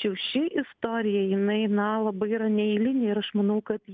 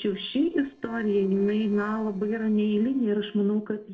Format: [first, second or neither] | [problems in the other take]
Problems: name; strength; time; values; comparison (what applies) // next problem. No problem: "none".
first | noise reduction (neural separator model SepFormer DNS4)